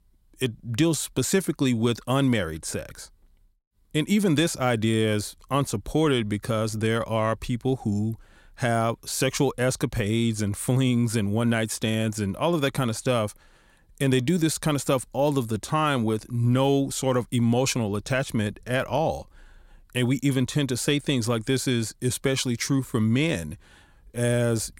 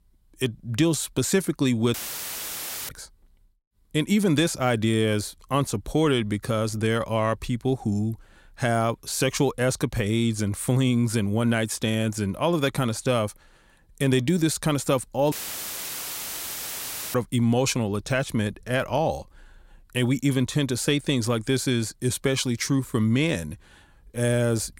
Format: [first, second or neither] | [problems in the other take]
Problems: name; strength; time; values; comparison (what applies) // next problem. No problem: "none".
first | audio cutting out; filled with static; at 2 s for 1 s and at 15 s for 2 s